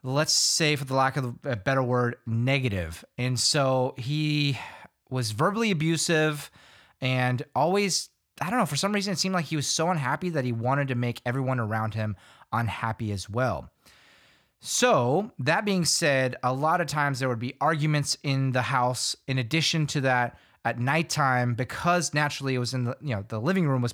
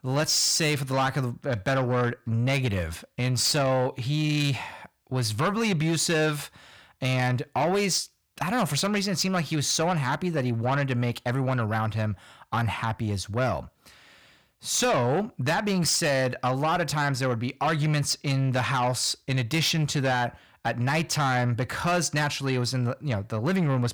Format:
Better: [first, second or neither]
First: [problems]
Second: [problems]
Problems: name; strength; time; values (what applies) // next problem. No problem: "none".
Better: first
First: none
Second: distortion; slight; 10 dB below the speech